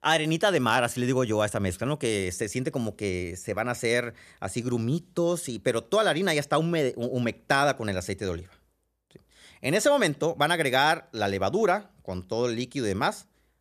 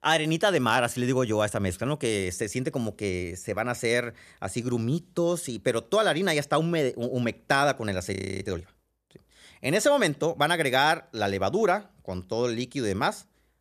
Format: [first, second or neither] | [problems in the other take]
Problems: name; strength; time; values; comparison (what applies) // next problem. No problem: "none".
first | audio freezing; at 8 s